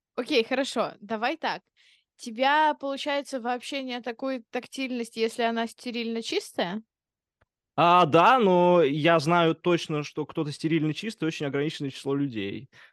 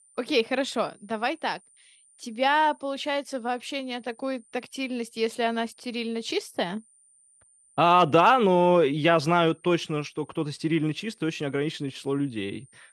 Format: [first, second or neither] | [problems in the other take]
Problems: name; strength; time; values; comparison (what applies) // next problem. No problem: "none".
first | high-pitched whine; faint; throughout; 9 kHz, 30 dB below the speech